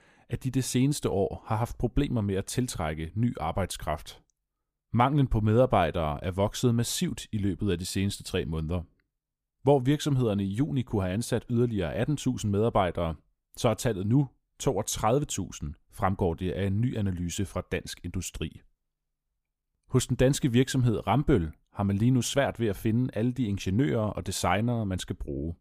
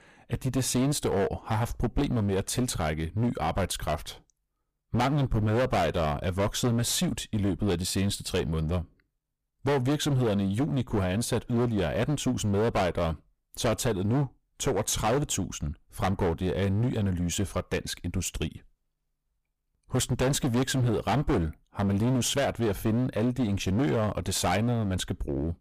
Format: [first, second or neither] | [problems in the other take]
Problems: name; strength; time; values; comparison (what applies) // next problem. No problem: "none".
first | distortion; heavy; 17% of the sound clipped